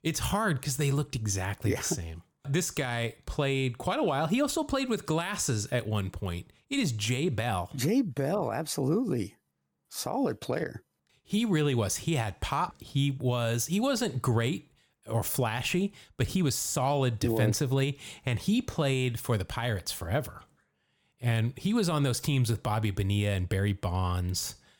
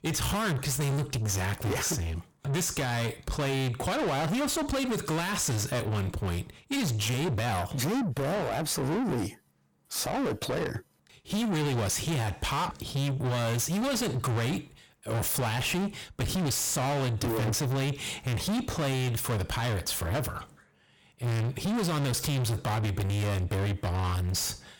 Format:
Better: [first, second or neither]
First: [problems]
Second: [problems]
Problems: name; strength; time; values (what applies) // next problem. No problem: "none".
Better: first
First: none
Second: distortion; heavy; 6 dB below the speech